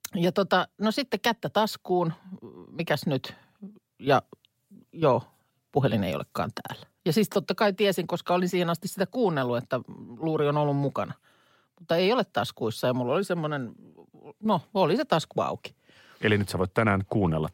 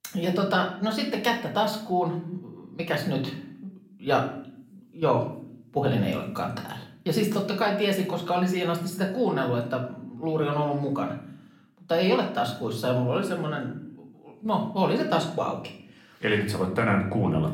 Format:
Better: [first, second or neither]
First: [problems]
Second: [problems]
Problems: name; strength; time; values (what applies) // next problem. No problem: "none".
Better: first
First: none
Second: room echo; slight; dies away in 0.6 s // off-mic speech; somewhat distant